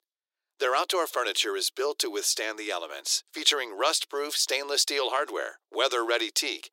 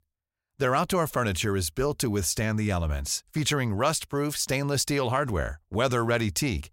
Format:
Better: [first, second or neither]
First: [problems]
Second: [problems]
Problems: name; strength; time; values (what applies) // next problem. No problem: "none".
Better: second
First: thin; very; fading below 350 Hz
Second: none